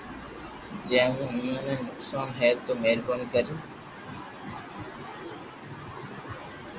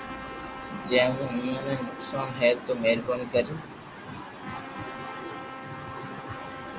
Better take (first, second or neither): first